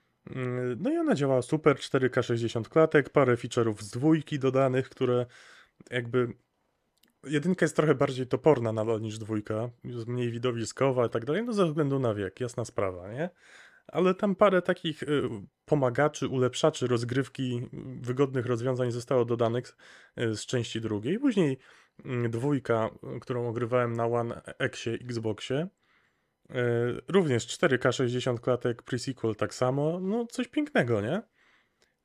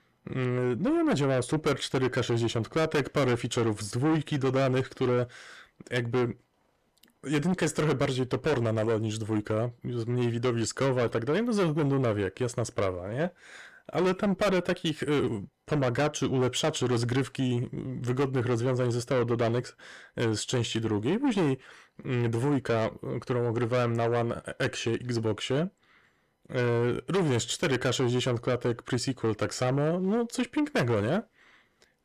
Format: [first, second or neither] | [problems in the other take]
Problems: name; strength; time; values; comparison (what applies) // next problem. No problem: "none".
first | distortion; heavy; 6 dB below the speech